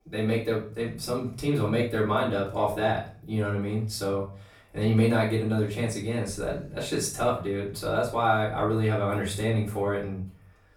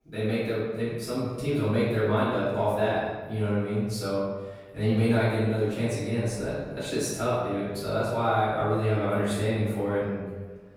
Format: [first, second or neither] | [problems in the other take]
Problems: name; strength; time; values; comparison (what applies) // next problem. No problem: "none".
first | room echo; strong; dies away in 1.2 s; slight in the first // off-mic speech; far; far in the first